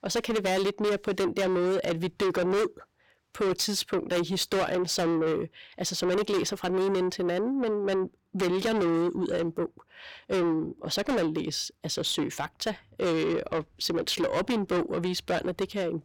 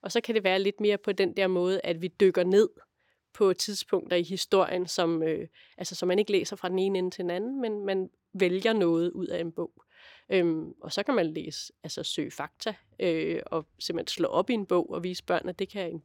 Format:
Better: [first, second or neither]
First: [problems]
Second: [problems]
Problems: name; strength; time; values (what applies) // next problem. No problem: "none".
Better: second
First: distortion; heavy; 6 dB below the speech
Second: none